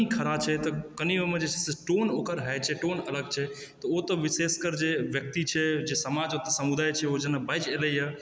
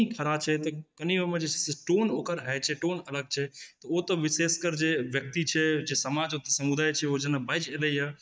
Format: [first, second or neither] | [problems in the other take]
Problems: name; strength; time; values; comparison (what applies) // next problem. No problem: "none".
first | noise reduction (neural mask model DeepFilterNet 3)